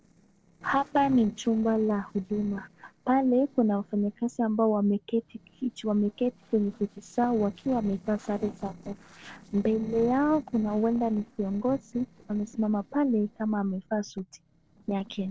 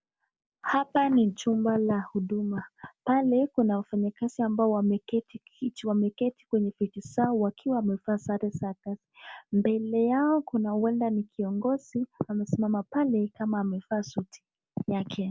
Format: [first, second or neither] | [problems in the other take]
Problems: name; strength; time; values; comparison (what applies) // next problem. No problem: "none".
second | noise reduction (neural separator model SepFormer DNS4)